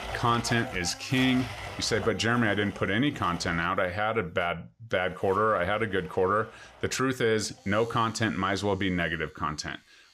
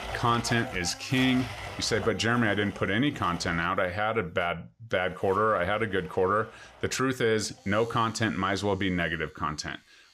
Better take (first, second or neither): neither